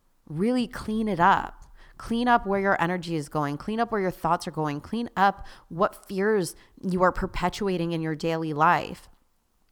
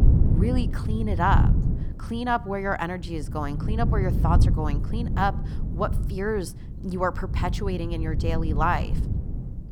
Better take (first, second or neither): first